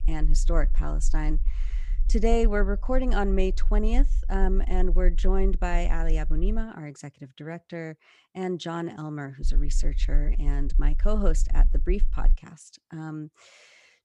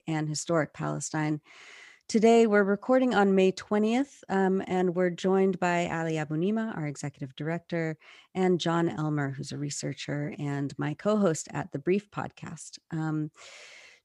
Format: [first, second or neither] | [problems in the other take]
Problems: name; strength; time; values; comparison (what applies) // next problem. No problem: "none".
second | low rumble; faint; until 6.5 s and from 9.5 to 12 s; 20 dB below the speech